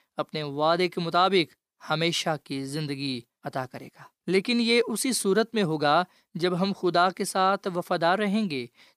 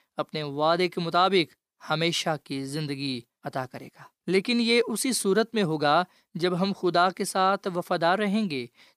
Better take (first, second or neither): neither